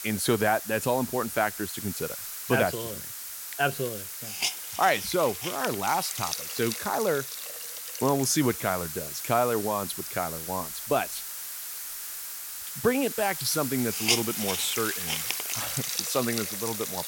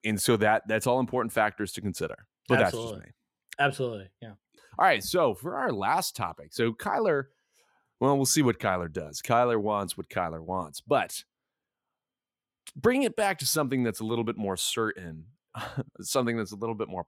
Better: second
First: hiss; loud; throughout; 3 dB below the speech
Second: none

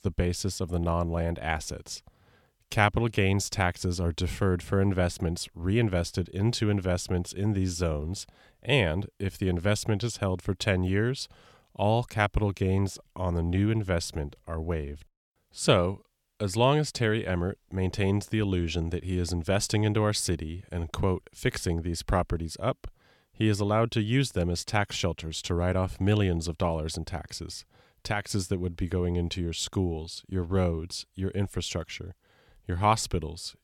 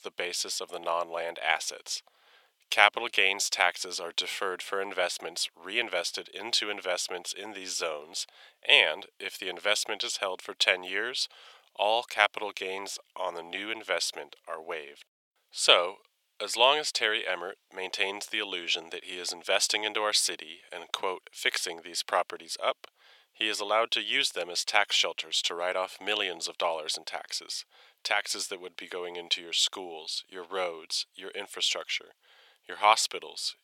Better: first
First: none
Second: thin; very; fading below 550 Hz

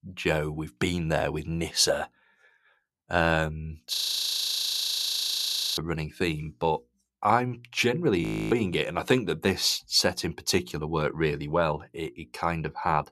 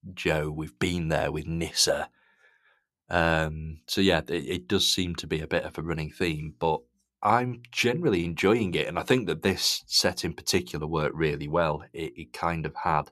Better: second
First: audio freezing; at 4 s for 2 s and at 8 s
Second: none

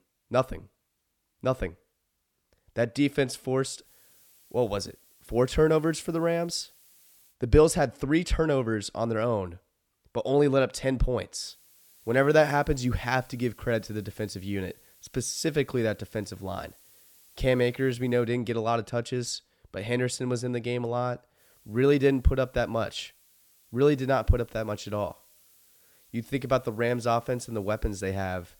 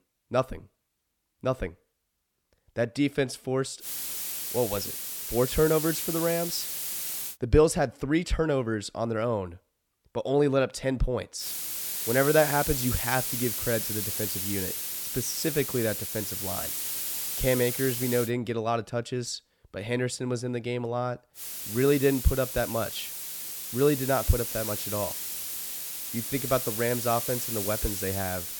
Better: first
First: hiss; faint; from 4 to 7.5 s, from 11 to 18 s and from 21 s on; 30 dB below the speech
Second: hiss; loud; from 4 to 7.5 s, from 11 to 18 s and from 21 s on; 2 dB below the speech

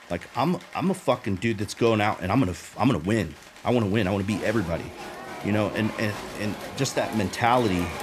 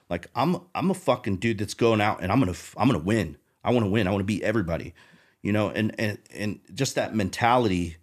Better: second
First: crowd noise; noticeable; throughout; 15 dB below the speech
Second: none

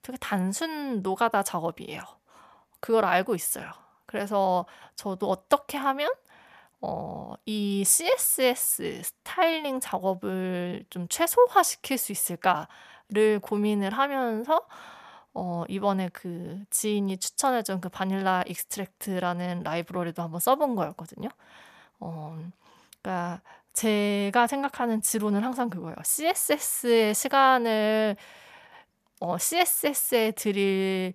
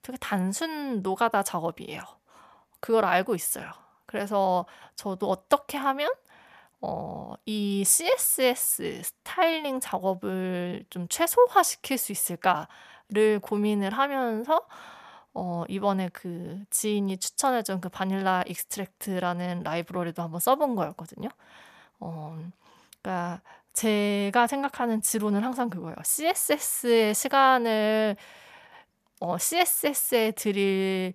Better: neither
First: none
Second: none

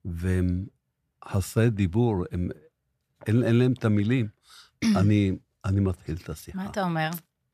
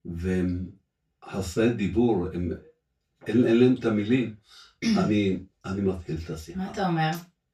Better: first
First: none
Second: room echo; slight; dies away in 0.2 s // off-mic speech; far

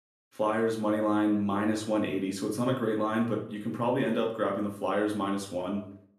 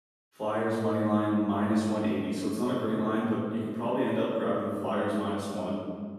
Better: first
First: room echo; slight; dies away in 0.4 s // off-mic speech; far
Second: room echo; strong; dies away in 1.5 s // off-mic speech; far

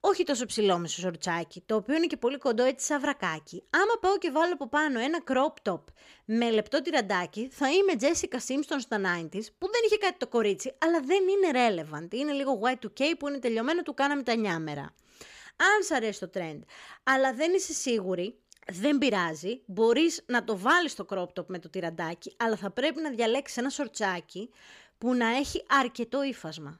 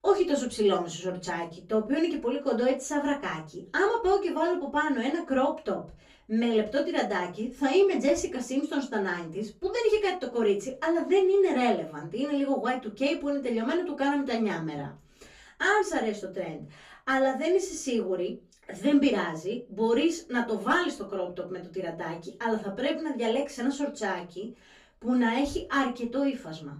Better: first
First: none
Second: off-mic speech; far // room echo; very slight; dies away in 0.3 s

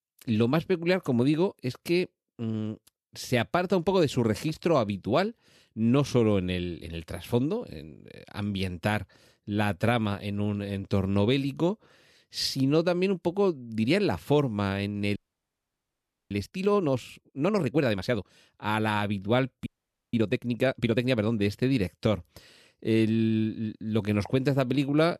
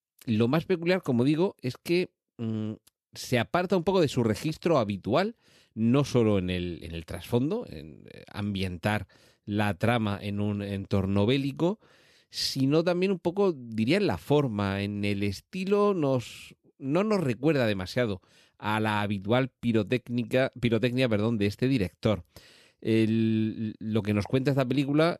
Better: second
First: audio freezing; at 15 s for 1 s and at 20 s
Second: none

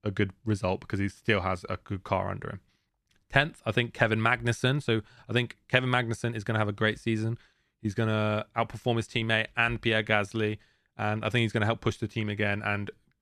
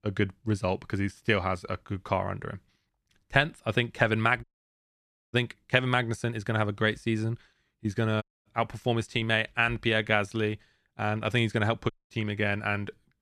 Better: first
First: none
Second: audio cutting out; at 4.5 s for 1 s, at 8 s and at 12 s

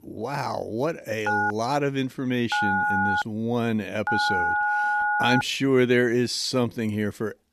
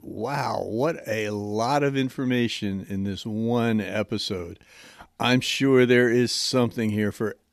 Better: second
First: phone ringing; loud; from 1.5 to 5.5 s; peak 3 dB above the speech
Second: none

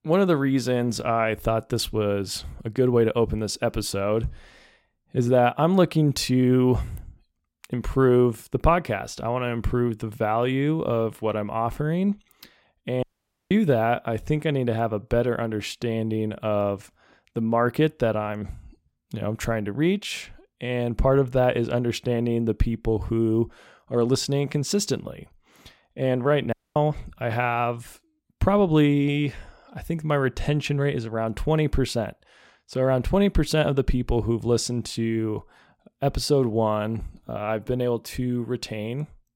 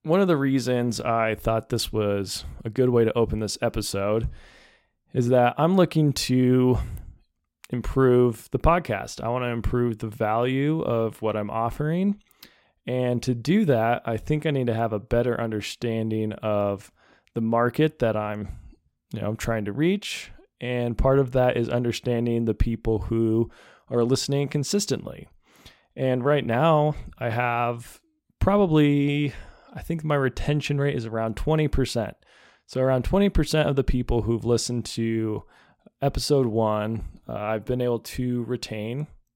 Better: second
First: audio cutting out; at 13 s and at 27 s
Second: none

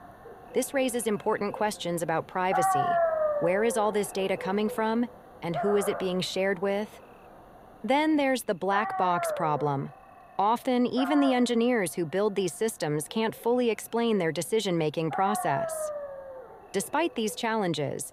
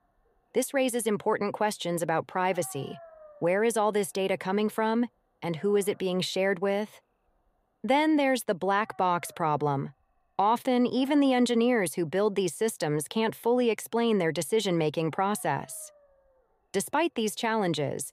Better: second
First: animal sounds; loud; throughout; 5 dB below the speech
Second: animal sounds; faint; throughout; 30 dB below the speech

